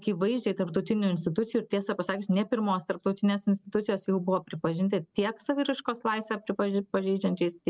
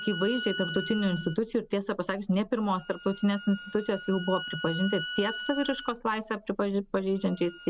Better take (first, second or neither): first